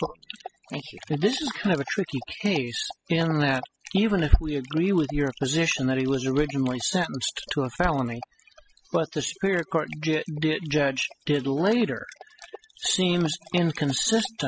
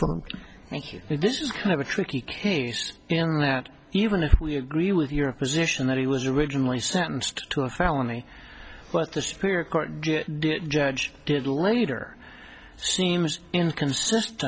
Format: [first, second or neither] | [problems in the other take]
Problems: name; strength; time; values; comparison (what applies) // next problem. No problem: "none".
second | noise reduction (classical method spectral subtraction)